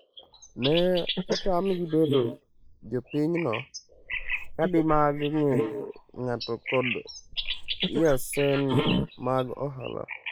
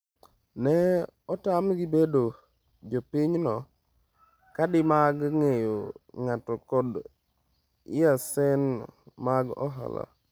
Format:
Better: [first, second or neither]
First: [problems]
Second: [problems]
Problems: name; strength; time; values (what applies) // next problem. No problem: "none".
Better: second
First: noise reduction (neural mask model Resemble Enhance denoiser)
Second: none